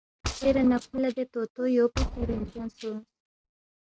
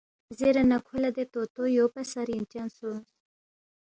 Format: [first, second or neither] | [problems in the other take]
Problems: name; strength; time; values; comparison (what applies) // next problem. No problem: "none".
second | noise reduction (neural mask model RNNoise)